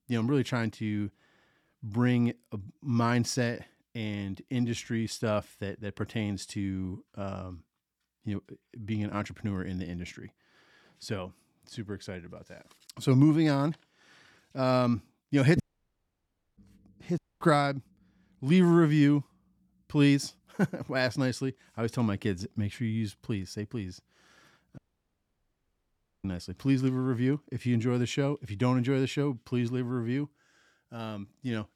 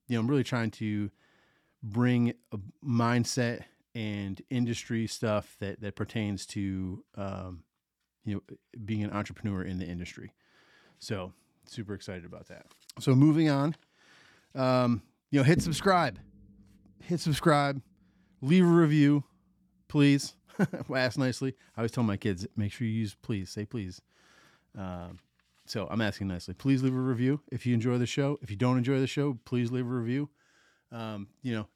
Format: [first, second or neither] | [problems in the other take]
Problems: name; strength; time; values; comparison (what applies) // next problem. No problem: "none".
second | audio cutting out; at 16 s for 1 s, at 17 s and at 25 s for 1.5 s